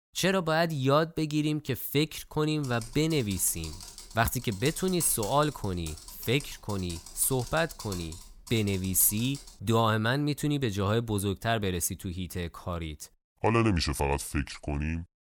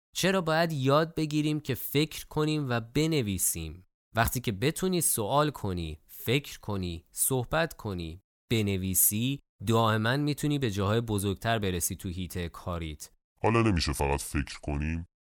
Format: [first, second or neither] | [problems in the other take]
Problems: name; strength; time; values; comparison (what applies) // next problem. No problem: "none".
second | keyboard typing; noticeable; from 2.5 to 9.5 s; peak 10 dB below the speech